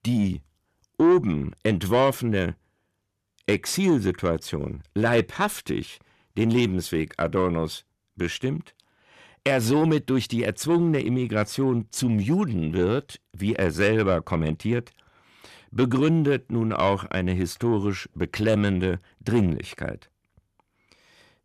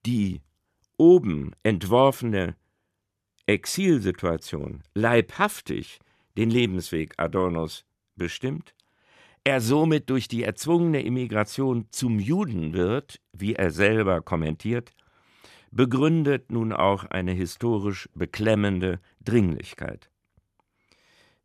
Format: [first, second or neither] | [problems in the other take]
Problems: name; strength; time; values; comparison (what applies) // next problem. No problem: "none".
second | distortion; slight; 10 dB below the speech